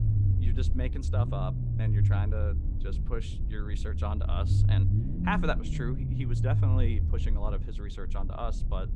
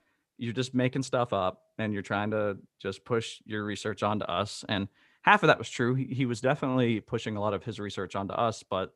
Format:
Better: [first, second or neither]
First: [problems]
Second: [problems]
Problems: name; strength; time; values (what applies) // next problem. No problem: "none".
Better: second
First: low rumble; loud; throughout; 5 dB below the speech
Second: none